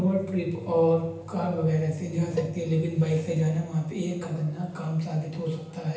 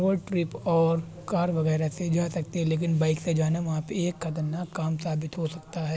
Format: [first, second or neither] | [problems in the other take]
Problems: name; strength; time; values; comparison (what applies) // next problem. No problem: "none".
second | background sound (Cowbell); 13 dB below the speech // room echo; dies away in 0.9 s